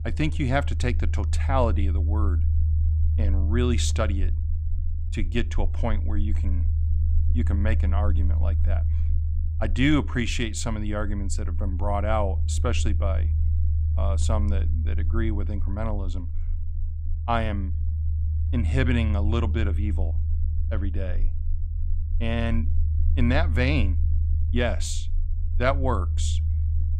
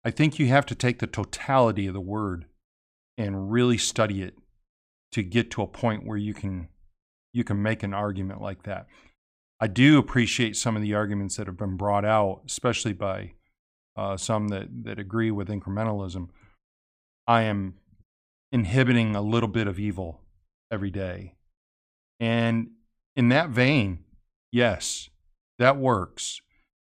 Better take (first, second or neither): second